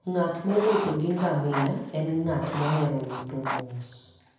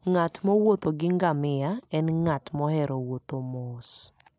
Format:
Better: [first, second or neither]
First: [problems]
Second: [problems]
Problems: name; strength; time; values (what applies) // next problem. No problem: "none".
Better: second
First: background sound (Writing); 8 dB below the speech // room echo; dies away in 0.9 s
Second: none